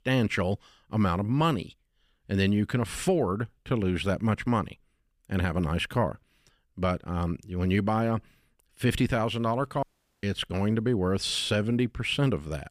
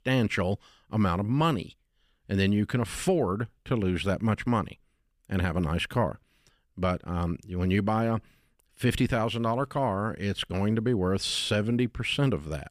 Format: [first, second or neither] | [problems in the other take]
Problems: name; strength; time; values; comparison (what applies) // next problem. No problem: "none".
second | audio cutting out; at 10 s